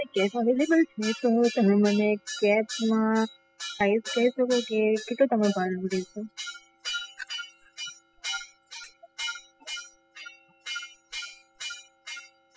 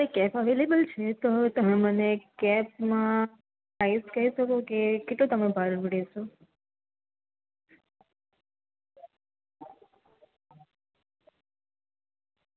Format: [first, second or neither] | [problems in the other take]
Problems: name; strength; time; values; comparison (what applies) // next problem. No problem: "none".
second | noise reduction (classical method spectral subtraction)